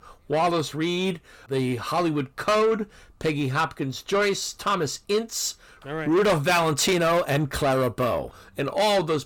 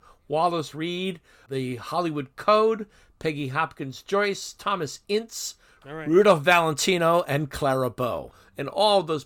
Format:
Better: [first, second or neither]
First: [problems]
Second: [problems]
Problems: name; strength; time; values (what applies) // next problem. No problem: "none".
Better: second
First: distortion; heavy; 7 dB below the speech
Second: none